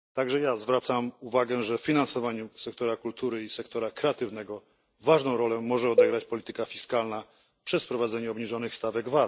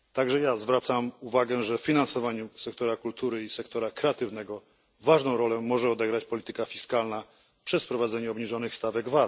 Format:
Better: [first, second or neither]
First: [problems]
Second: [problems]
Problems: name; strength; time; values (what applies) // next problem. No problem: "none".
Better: second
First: noise reduction (neural mask model DeepFilterNet 3)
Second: none